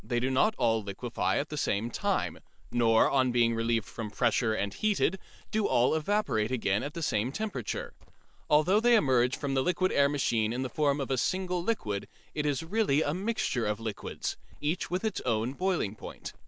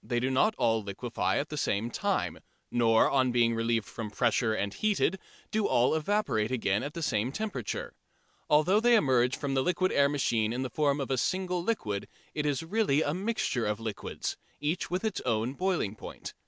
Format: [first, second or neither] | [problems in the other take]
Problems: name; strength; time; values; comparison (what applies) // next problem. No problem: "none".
second | noise reduction (neural mask model Resemble Enhance denoiser)